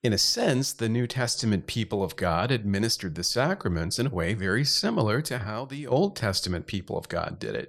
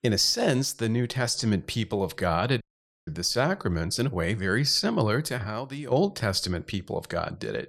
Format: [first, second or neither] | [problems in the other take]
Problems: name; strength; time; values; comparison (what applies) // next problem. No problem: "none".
first | audio cutting out; at 2.5 s